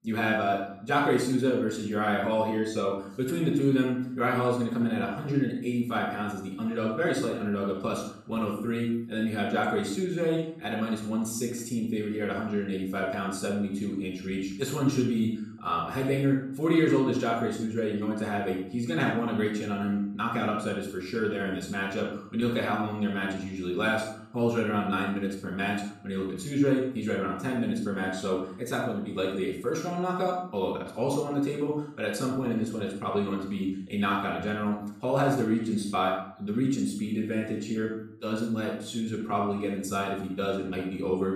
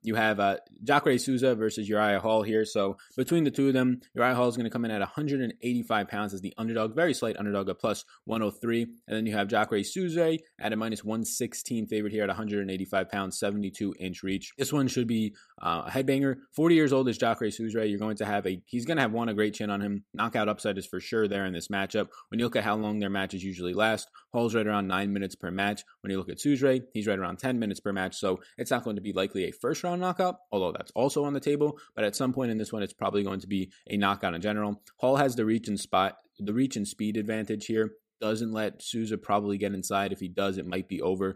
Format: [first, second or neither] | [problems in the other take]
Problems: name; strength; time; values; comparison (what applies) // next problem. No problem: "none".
second | off-mic speech; far // room echo; noticeable; dies away in 0.5 s